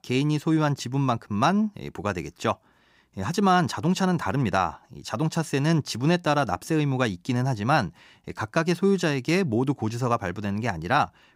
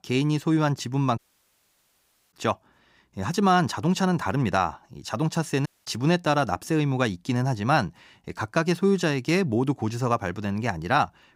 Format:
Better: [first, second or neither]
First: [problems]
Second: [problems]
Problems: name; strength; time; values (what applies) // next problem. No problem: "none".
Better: first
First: none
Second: audio cutting out; at 1 s for 1 s and at 5.5 s